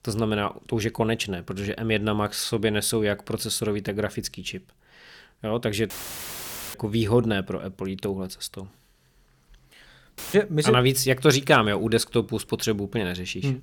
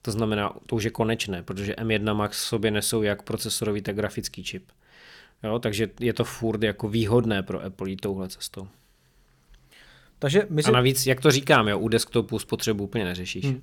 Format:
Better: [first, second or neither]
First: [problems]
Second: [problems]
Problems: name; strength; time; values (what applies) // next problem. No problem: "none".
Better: second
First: audio cutting out; filled with static; at 6 s for 1 s and at 10 s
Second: none